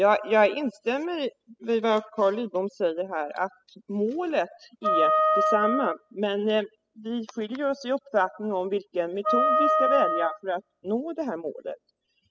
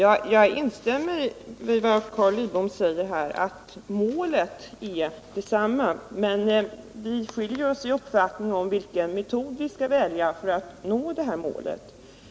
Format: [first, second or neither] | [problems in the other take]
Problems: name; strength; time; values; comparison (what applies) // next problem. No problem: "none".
second | noise reduction (classical method spectral subtraction)